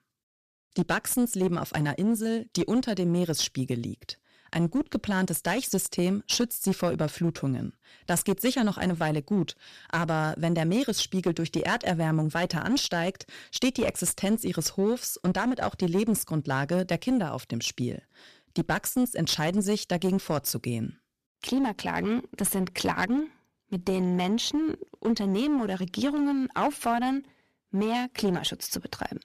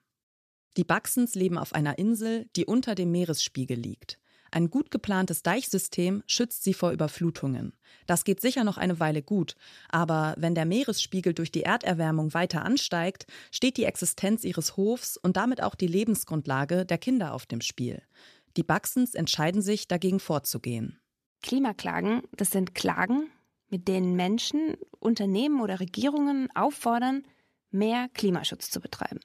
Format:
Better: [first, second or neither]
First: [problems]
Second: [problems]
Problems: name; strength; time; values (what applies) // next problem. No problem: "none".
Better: second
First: distortion; slight; 8% of the sound clipped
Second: none